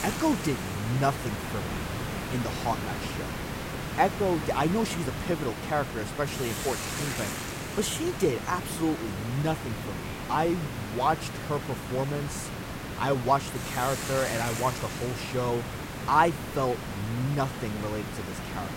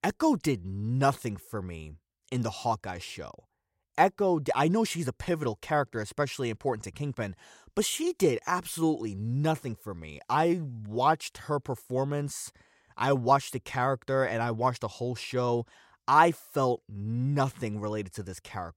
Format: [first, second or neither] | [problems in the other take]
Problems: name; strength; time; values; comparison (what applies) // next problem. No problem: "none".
second | hiss; loud; throughout; 5 dB below the speech